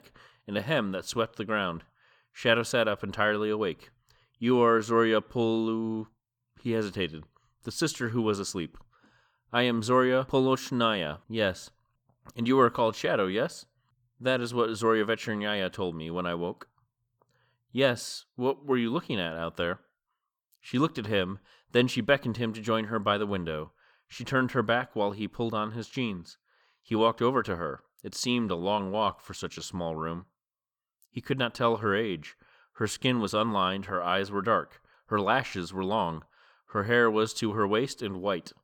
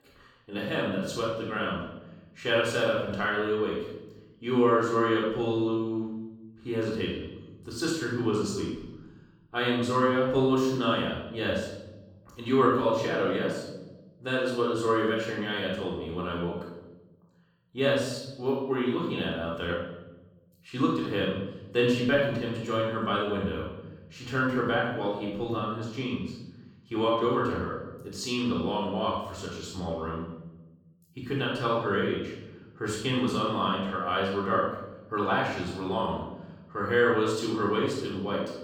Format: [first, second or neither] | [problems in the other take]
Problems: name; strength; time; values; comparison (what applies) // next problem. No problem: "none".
first | off-mic speech; far // room echo; noticeable; dies away in 0.9 s